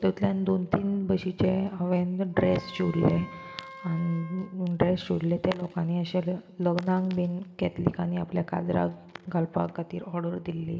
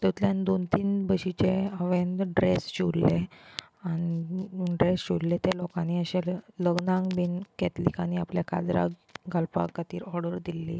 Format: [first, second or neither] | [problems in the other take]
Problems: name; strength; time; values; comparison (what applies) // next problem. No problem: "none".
second | background sound (Wind instrument, woodwind instrument); 17 dB below the speech // room echo; dies away in 1.3 s